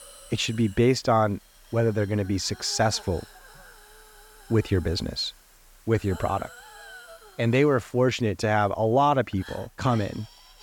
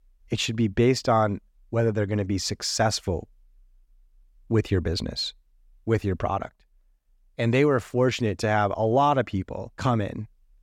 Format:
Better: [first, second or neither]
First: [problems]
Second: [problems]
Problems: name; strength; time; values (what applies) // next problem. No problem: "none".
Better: second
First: hiss; faint; throughout; 20 dB below the speech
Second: none